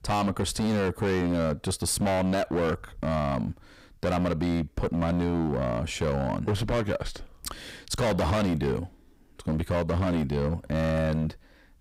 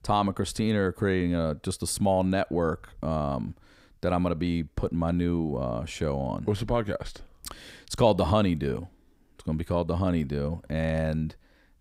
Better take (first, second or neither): second